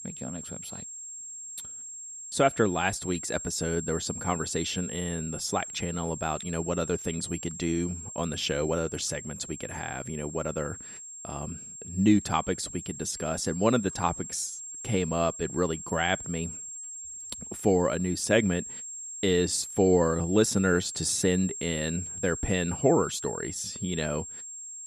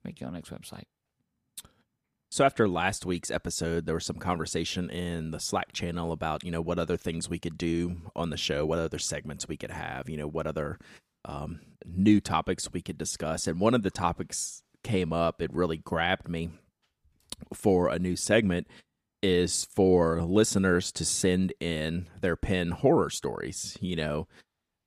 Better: second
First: high-pitched whine; loud; throughout; 7.5 kHz, 9 dB below the speech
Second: none

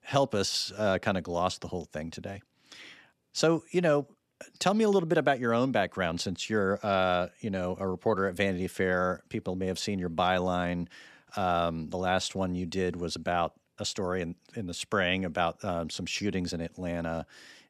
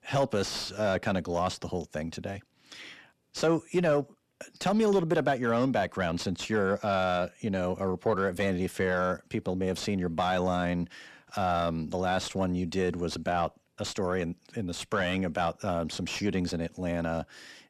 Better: first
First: none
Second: distortion; slight; 10 dB below the speech

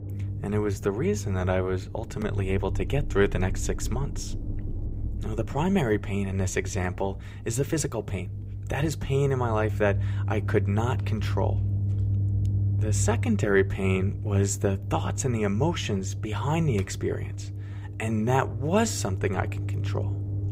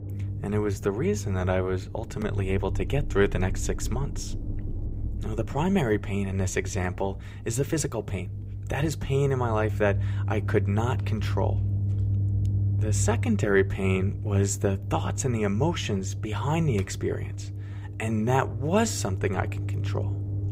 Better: neither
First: low rumble; noticeable; throughout; 15 dB below the speech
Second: low rumble; noticeable; throughout; 15 dB below the speech

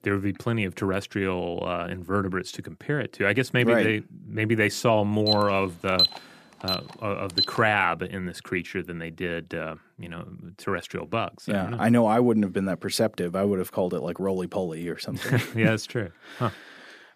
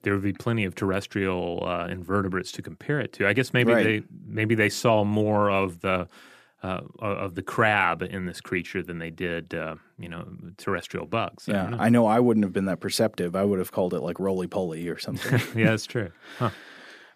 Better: second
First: alarm; loud; from 5.5 to 7.5 s; peak 5 dB above the speech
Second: none

